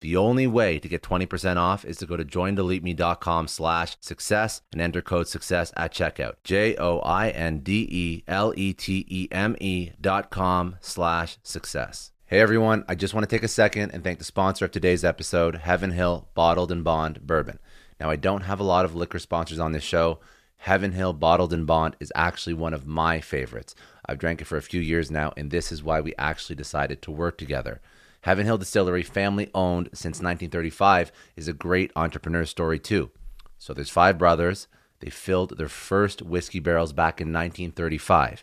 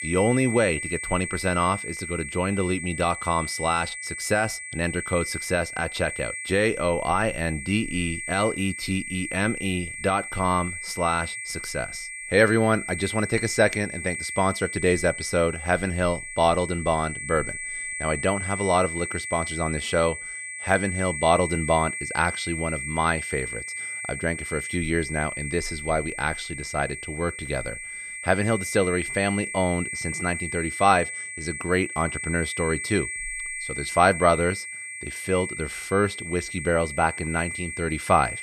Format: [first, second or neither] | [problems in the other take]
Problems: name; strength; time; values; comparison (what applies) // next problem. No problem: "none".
first | high-pitched whine; loud; throughout; 2 kHz, 6 dB below the speech